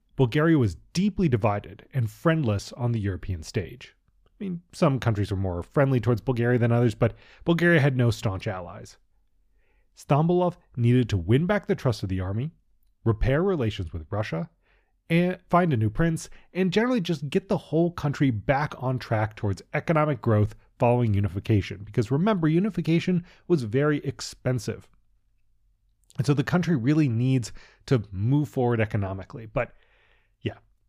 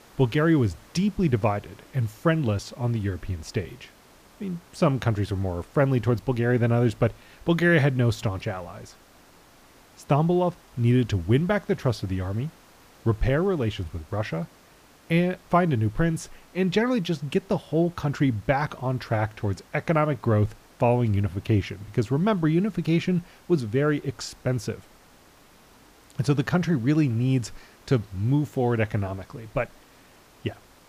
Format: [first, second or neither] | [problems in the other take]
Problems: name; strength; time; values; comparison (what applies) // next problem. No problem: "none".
first | hiss; faint; throughout; 30 dB below the speech